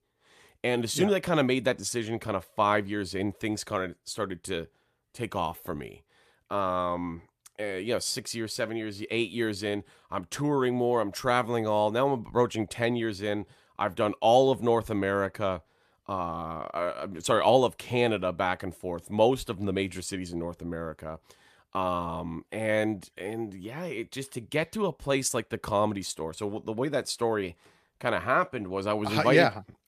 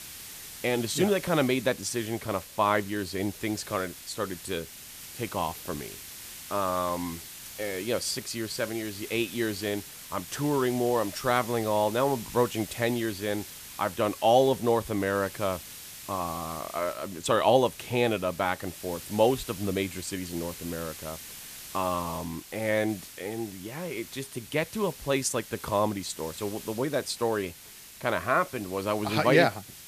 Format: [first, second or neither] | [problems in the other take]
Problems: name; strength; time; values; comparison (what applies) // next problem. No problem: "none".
first | hiss; noticeable; throughout; 15 dB below the speech